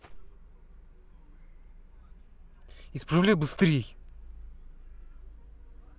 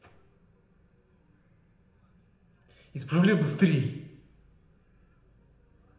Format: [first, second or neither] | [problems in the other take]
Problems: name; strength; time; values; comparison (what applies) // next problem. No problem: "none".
first | room echo; dies away in 0.8 s